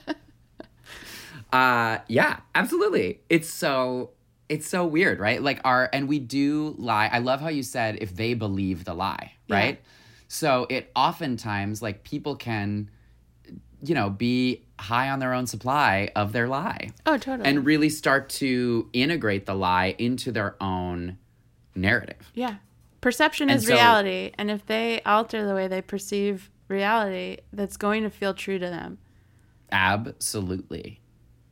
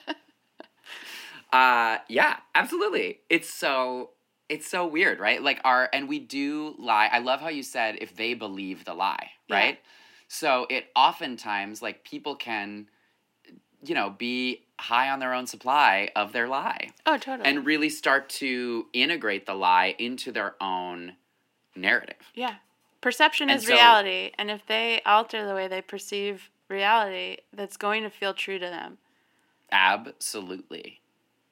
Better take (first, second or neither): first